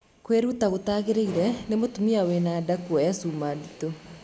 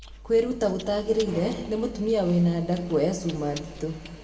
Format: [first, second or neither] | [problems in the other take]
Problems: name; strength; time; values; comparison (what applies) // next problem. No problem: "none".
first | background sound (Chewing, mastication); 18 dB below the speech // room echo; dies away in 1.6 s